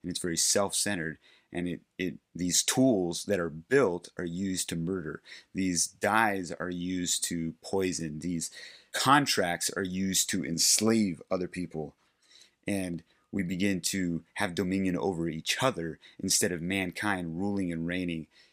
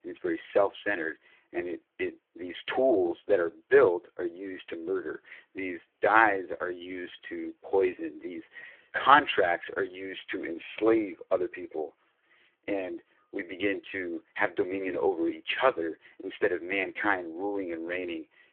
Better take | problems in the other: first | phone-call audio; poor line

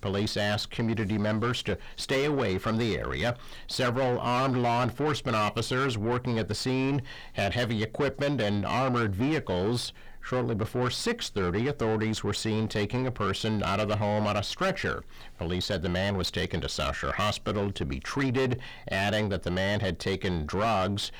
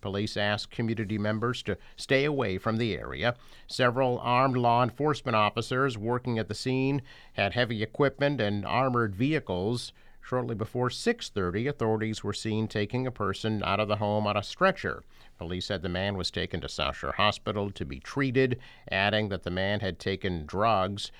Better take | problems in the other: second | distortion; heavy; 6 dB below the speech

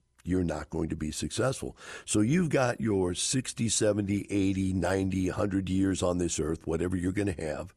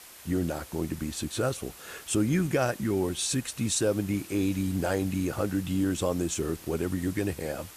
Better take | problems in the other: first | hiss; noticeable; throughout; 15 dB below the speech

